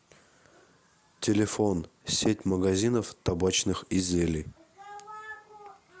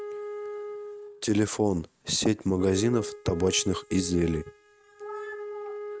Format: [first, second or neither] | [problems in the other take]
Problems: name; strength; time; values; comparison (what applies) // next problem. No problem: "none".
first | noise reduction (neural mask model RNNoise)